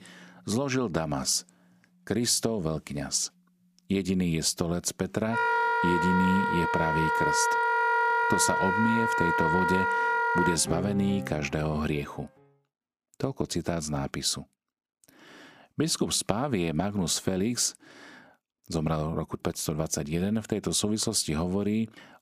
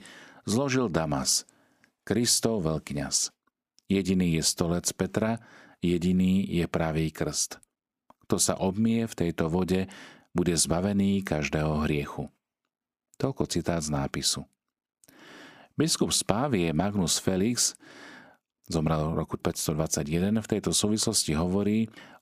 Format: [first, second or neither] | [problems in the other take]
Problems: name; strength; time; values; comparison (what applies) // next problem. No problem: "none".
second | background music; very loud; until 12 s; 2 dB above the speech